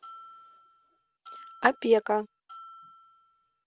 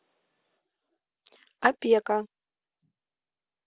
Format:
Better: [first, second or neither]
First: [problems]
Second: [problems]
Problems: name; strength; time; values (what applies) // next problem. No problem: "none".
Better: second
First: background sound (Bell); 20 dB below the speech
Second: none